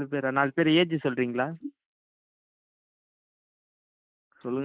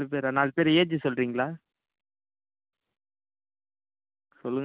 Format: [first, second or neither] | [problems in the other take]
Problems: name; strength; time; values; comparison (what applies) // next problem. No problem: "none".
second | noise reduction (neural mask model Resemble Enhance denoiser)